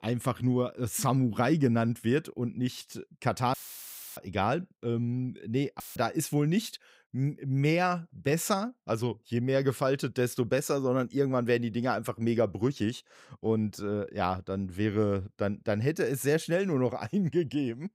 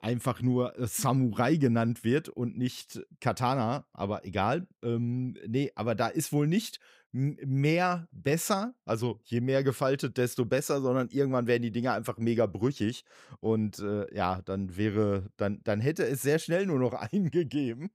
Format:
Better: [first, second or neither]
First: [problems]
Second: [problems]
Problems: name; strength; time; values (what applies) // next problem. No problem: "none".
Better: second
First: audio cutting out; filled with static; at 3.5 s for 0.5 s and at 6 s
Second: none